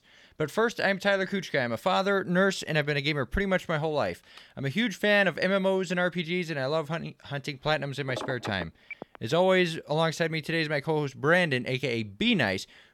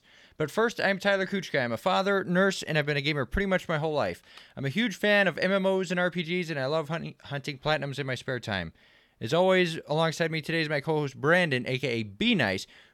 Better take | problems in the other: second | phone ringing; faint; from 8 to 9 s; peak 10 dB below the speech

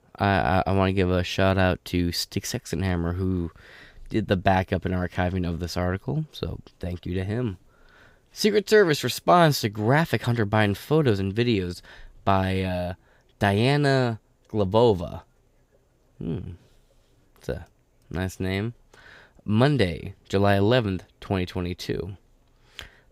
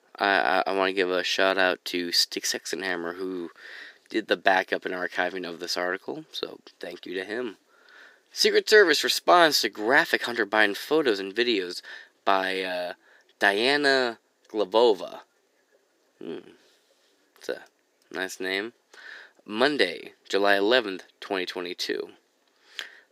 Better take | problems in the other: first | thin; somewhat; fading below 300 Hz

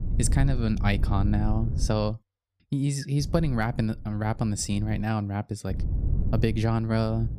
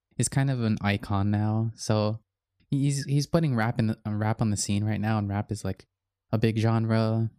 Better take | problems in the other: second | wind noise on the microphone; occasional gusts; until 2 s, from 3 to 5 s and from 5.5 s on; 15 dB below the speech

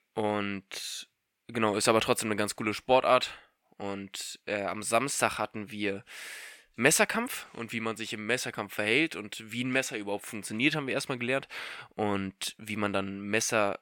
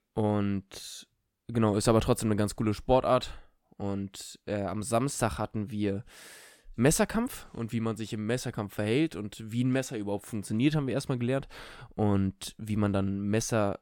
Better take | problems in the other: second | thin; somewhat; fading below 1 kHz

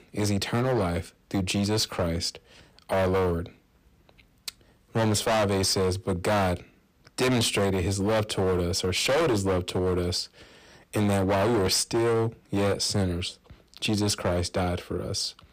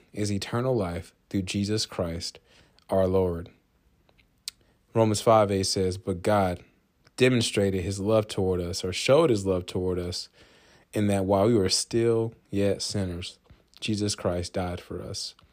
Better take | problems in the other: second | distortion; heavy; 17% of the sound clipped

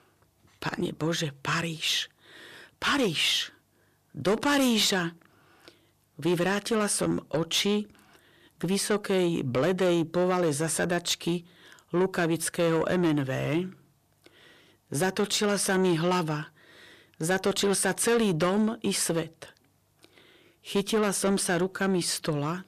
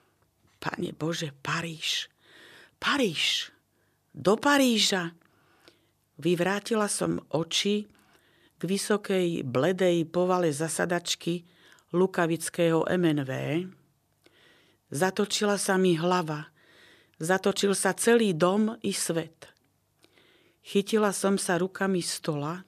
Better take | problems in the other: second | distortion; slight; 10 dB below the speech

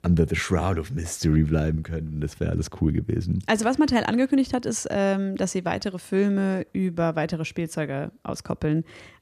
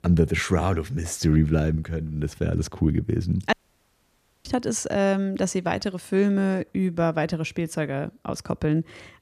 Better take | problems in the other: first | audio cutting out; at 3.5 s for 1 s

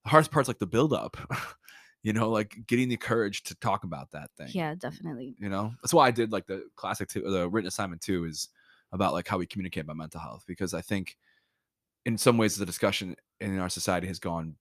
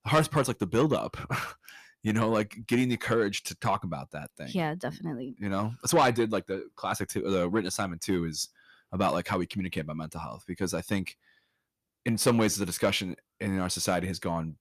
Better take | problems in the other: first | distortion; slight; 10 dB below the speech

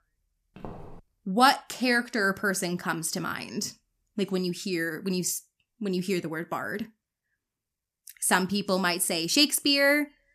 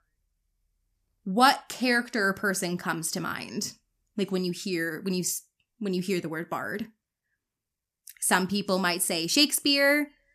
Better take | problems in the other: second | footsteps; faint; at 0.5 s; peak 15 dB below the speech

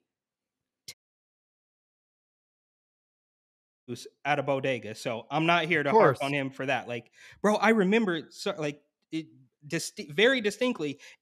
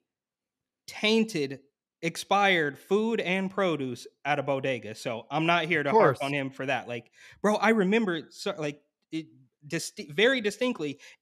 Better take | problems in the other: second | audio cutting out; at 1 s for 3 s

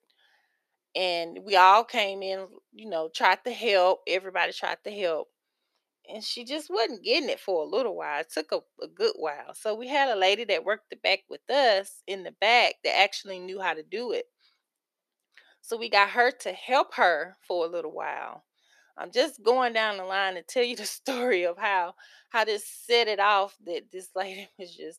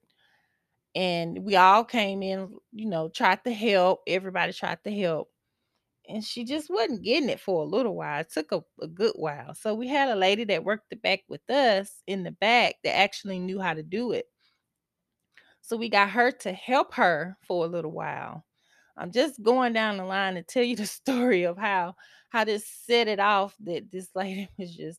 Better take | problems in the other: second | thin; somewhat; fading below 350 Hz

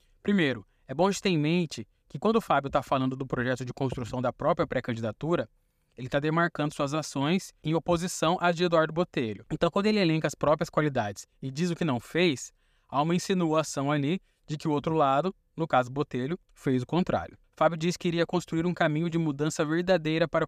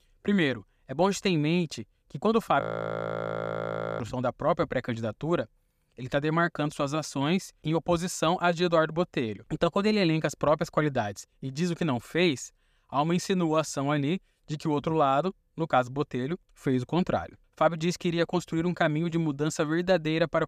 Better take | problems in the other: first | audio freezing; at 2.5 s for 1.5 s

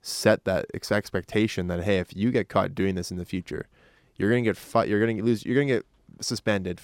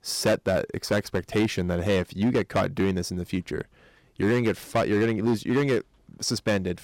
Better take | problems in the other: first | distortion; slight; 7% of the sound clipped

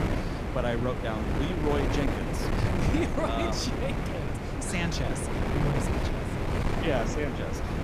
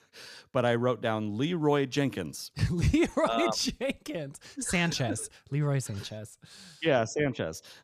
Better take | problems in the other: second | wind noise on the microphone; heavy; as loud as the speech

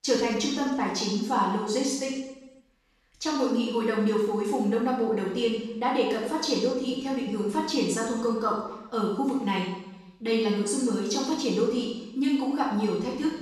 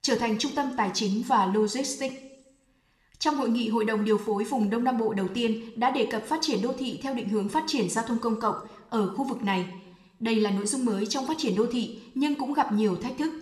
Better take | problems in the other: second | room echo; strong; dies away in 0.9 s; slight in the second // off-mic speech; far

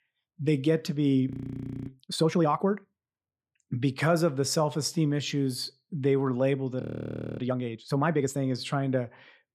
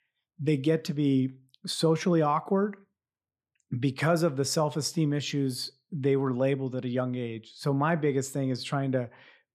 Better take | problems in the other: second | audio freezing; at 1.5 s for 0.5 s and at 7 s for 0.5 s

